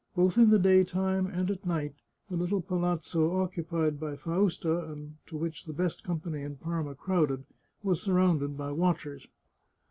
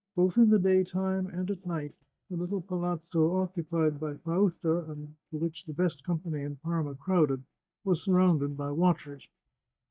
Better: first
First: none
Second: noise reduction (neural mask model DeepFilterNet 3)

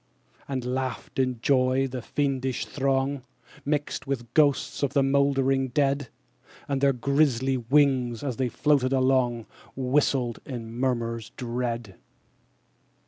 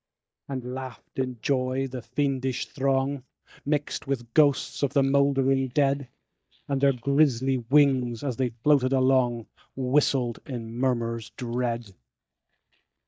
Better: first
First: none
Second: noise reduction (neural mask model DeepFilterNet 3)

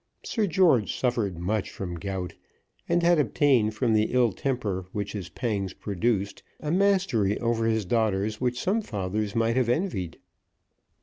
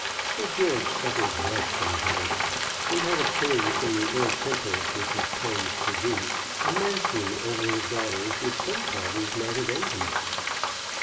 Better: first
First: none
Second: background sound (Frying (food)); 3 dB above the speech // room echo; dies away in 2.2 s

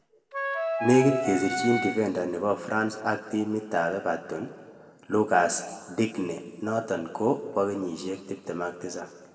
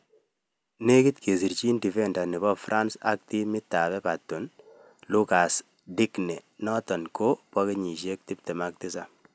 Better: second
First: background sound (Wind instrument, woodwind instrument); 2 dB below the speech // room echo; dies away in 1.7 s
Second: none

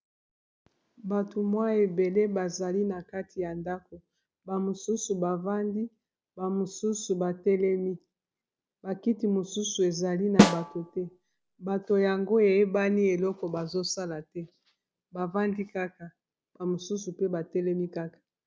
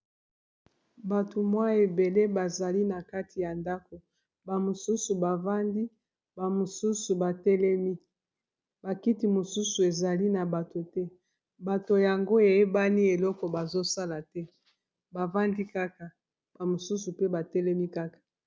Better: second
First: background sound (Snare drum); 4 dB above the speech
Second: none

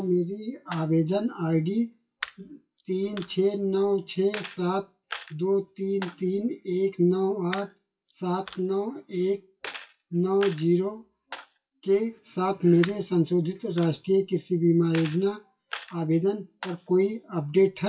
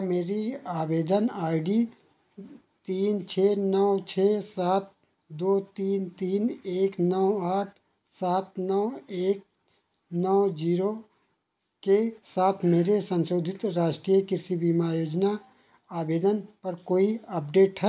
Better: second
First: noise reduction (classical method WPE with log-MMSE)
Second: none

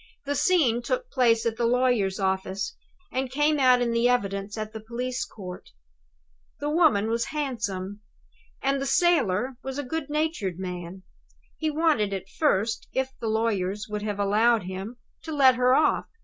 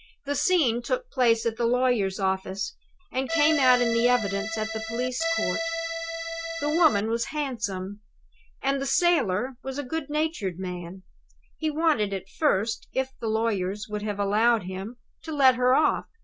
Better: first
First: none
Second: background sound (Accordion); 4 dB below the speech

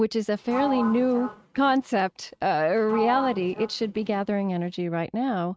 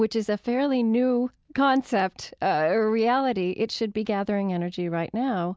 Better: second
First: noise reduction (neural mask model RNNoise)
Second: none

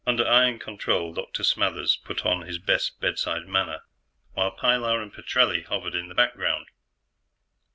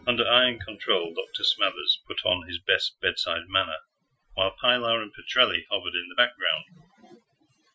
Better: first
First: none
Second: noise reduction (classical method Wiener filter)

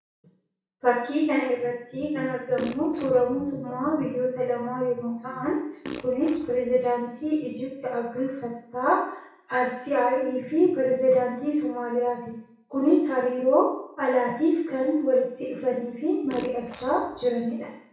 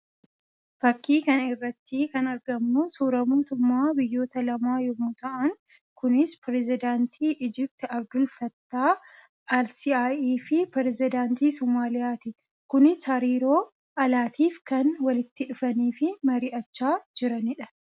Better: second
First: background sound (Fart); 14 dB below the speech // room echo; dies away in 0.6 s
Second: none

